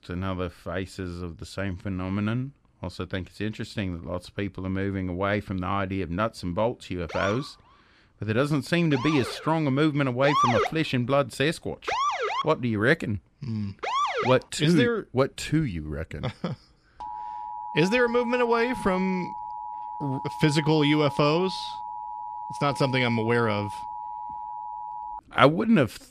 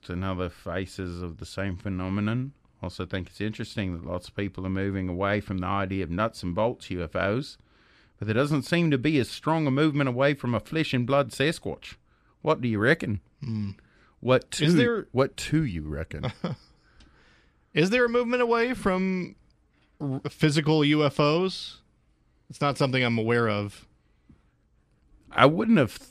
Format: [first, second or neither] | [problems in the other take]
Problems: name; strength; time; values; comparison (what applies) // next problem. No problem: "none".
second | siren; loud; from 7 to 14 s; peak 3 dB above the speech // alarm; noticeable; from 17 to 25 s; peak 9 dB below the speech